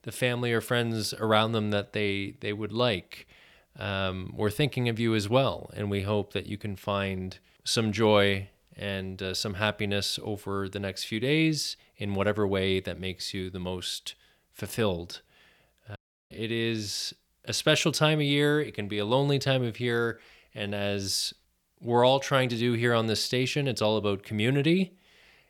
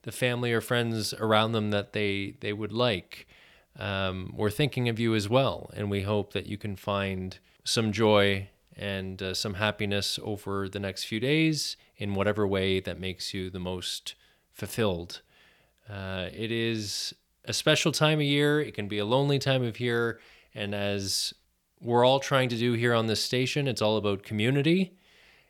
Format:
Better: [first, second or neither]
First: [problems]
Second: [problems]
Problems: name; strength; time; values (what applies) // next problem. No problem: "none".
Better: second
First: audio cutting out; at 16 s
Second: none